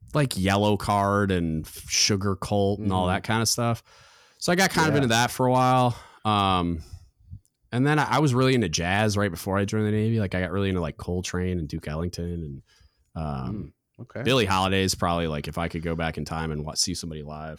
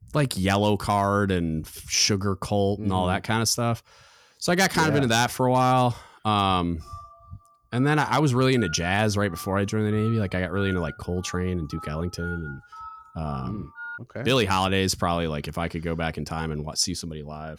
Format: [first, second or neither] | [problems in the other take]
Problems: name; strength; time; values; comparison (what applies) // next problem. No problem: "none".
first | phone ringing; faint; from 7 to 14 s; peak 10 dB below the speech